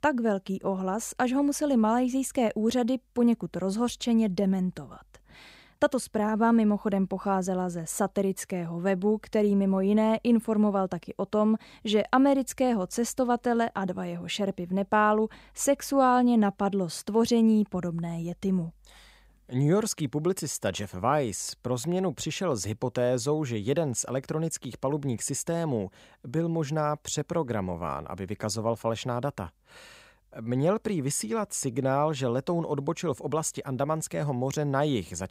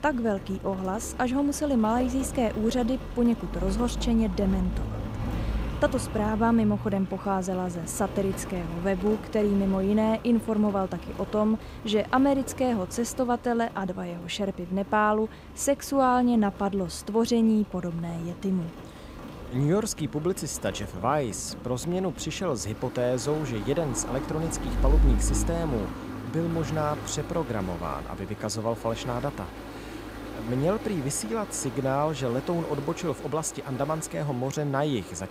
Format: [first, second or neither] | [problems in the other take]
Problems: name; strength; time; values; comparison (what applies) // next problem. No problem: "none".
first | rain or running water; loud; throughout; 9 dB below the speech